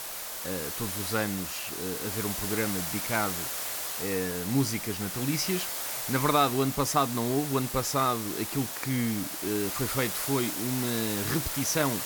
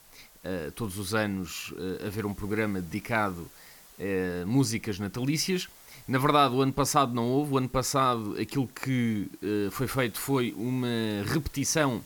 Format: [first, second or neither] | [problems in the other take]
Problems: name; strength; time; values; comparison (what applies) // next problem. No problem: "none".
second | hiss; loud; throughout; 2 dB below the speech; faint in the second